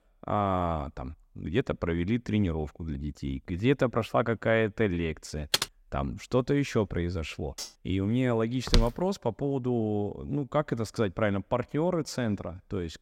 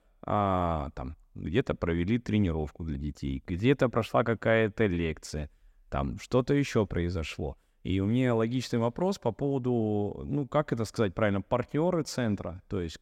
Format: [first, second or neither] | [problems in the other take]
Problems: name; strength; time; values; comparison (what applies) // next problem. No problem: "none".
second | keyboard typing; loud; at 5.5 s; peak 1 dB above the speech // clattering dishes; faint; at 7.5 s; peak 10 dB below the speech // footsteps; loud; at 8.5 s; peak 1 dB above the speech